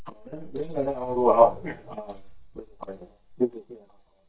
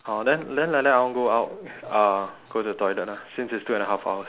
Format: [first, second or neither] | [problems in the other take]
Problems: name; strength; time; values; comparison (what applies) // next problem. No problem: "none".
second | noise reduction (neural mask model DeepFilterNet 3)